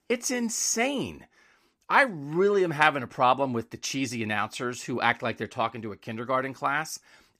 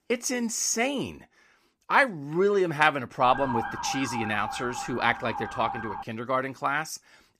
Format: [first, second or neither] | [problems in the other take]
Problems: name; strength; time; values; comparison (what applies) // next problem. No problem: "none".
first | siren; noticeable; from 3 to 6 s; peak 5 dB below the speech